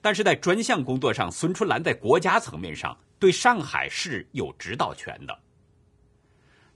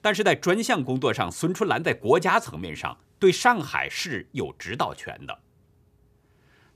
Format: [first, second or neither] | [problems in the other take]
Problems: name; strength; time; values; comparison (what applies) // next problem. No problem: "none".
second | garbled, watery; slightly; nothing above 10 kHz